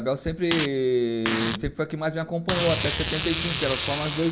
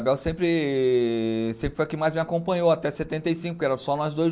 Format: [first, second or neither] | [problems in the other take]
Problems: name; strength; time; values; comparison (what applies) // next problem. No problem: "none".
second | background sound (Packing tape, duct tape); 5 dB below the speech // room echo; dies away in 0.6 s